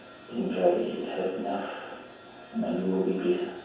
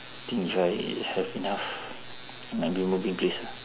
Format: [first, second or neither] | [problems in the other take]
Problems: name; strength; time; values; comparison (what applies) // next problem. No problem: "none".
second | room echo; dies away in 0.7 s